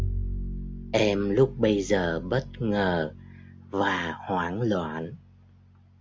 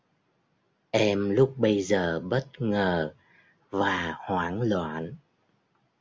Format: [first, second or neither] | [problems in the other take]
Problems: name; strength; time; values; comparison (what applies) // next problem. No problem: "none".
second | background sound (Bowed string instrument); 9 dB below the speech